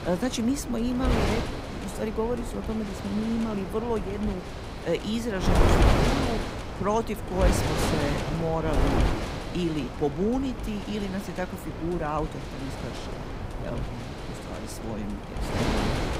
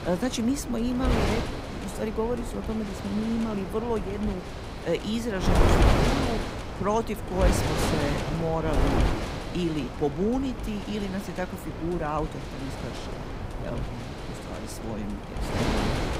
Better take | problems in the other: neither | wind noise on the microphone; heavy; as loud as the speech; the same in both

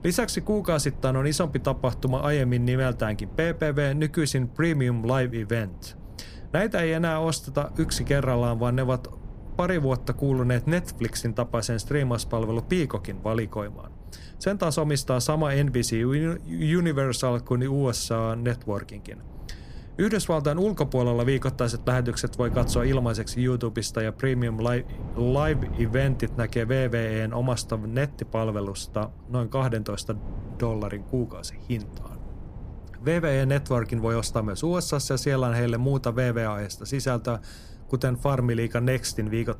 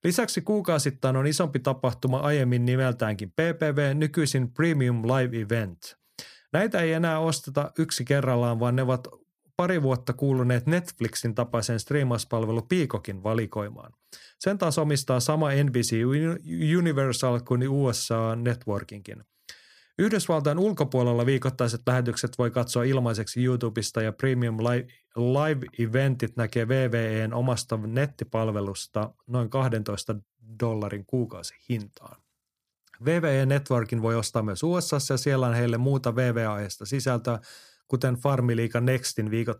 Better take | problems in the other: second | wind noise on the microphone; occasional gusts; 20 dB below the speech

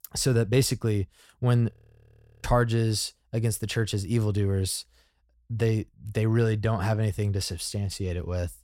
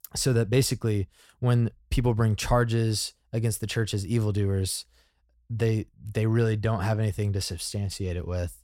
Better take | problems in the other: second | audio freezing; at 1.5 s for 0.5 s

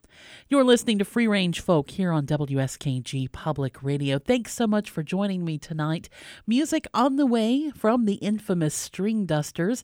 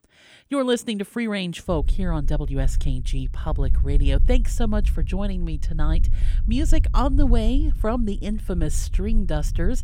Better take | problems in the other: first | low rumble; noticeable; from 1.5 s on; 15 dB below the speech

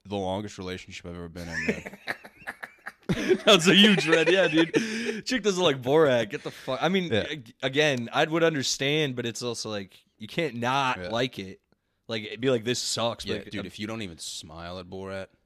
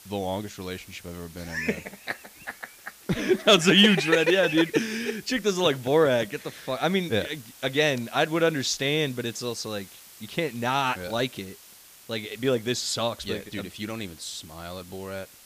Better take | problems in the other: first | hiss; faint; throughout; 20 dB below the speech

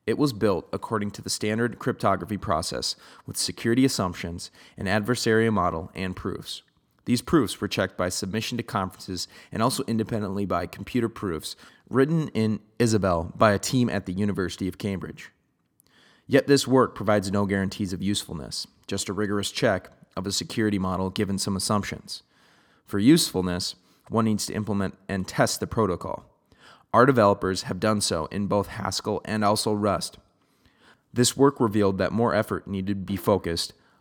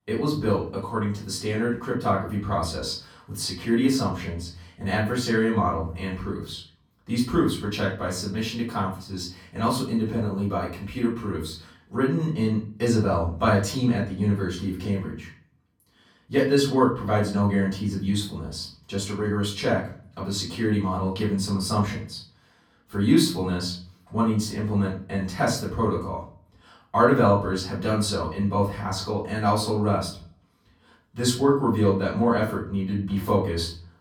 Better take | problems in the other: first | off-mic speech; far // room echo; slight; dies away in 0.4 s

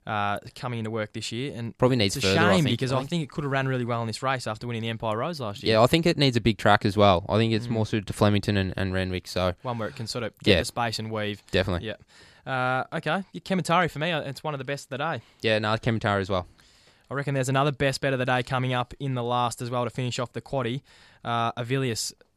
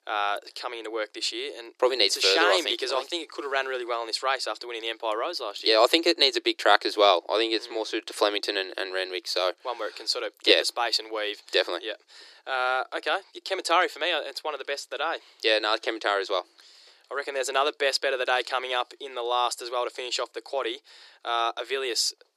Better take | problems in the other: first | thin; very; fading below 350 Hz

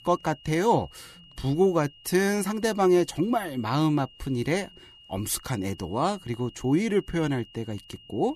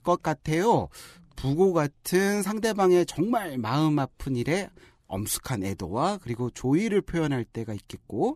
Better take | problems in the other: second | high-pitched whine; faint; throughout; 3 kHz, 25 dB below the speech

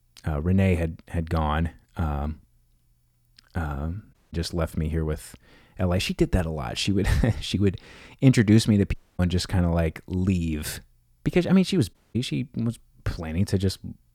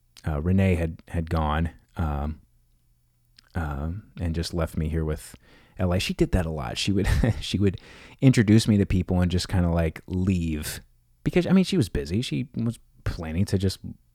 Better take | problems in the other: second | audio cutting out; at 4 s, at 9 s and at 12 s

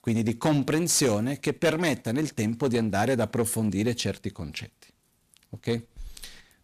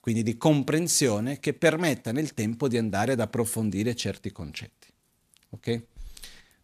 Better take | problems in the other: second | distortion; slight; 5% of the sound clipped

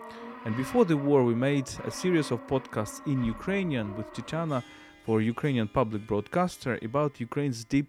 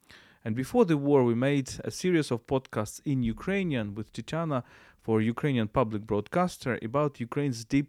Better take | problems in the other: second | background music; noticeable; throughout; 15 dB below the speech

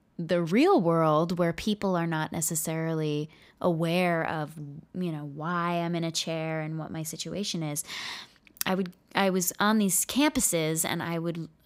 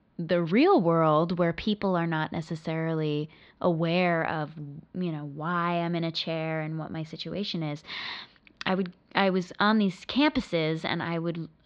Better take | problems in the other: first | muffled; slightly; fading above 4.5 kHz

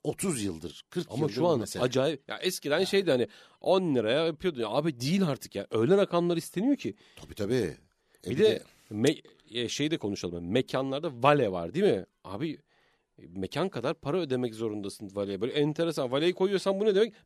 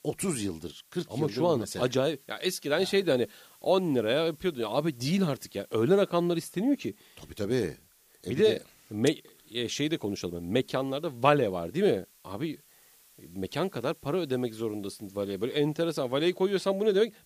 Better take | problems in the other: first | hiss; faint; throughout; 30 dB below the speech

